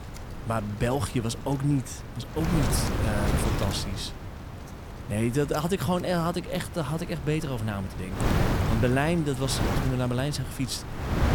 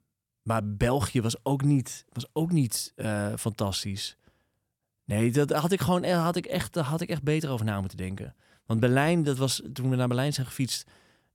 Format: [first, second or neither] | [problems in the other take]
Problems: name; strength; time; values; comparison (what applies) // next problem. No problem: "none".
second | wind noise on the microphone; heavy; 5 dB below the speech